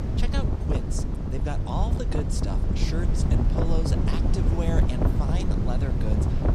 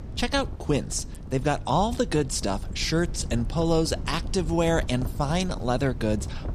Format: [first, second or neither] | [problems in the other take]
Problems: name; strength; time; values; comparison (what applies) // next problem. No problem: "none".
second | wind noise on the microphone; heavy; 1 dB above the speech; occasional gusts in the second